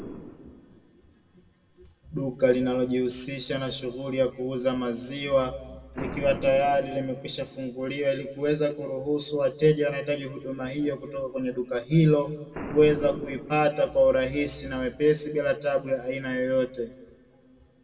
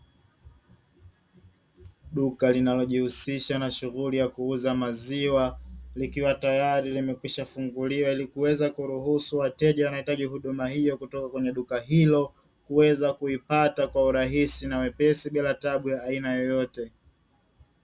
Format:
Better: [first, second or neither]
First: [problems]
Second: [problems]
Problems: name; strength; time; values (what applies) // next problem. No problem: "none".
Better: second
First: background sound (Boom); 18 dB below the speech // room echo; dies away in 1.4 s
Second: none